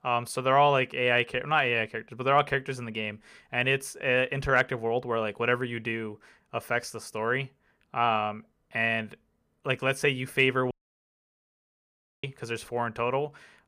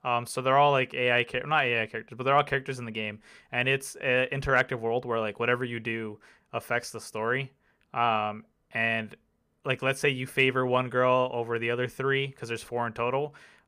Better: second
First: audio cutting out; at 11 s for 1.5 s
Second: none

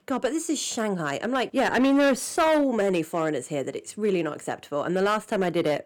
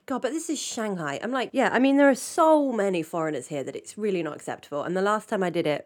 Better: second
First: distortion; slight; 6% of the sound clipped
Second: none

